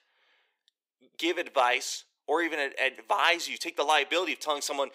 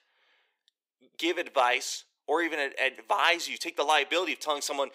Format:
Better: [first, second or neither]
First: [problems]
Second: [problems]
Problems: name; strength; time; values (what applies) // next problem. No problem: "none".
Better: neither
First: thin; very; fading below 400 Hz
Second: thin; very; fading below 400 Hz